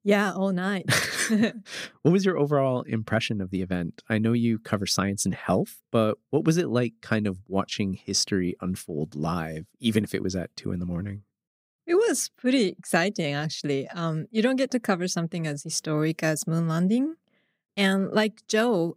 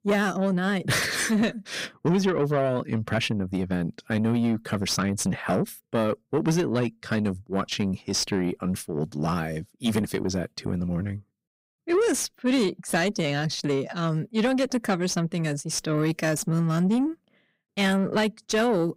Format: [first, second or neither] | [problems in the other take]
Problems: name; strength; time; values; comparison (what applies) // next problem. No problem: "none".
first | distortion; slight; 10 dB below the speech